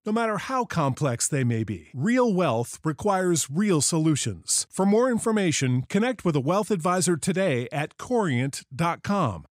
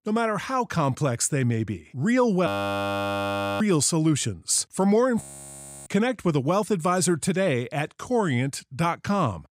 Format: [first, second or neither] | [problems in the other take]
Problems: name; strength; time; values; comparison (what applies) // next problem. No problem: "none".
first | audio freezing; at 2.5 s for 1 s and at 5 s for 0.5 s